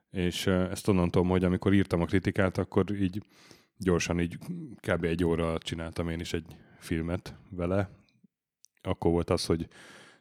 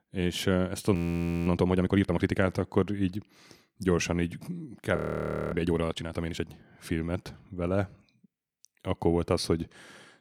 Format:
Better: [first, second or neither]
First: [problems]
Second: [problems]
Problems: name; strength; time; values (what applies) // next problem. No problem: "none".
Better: first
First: none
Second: audio freezing; at 1 s for 0.5 s and at 5 s for 0.5 s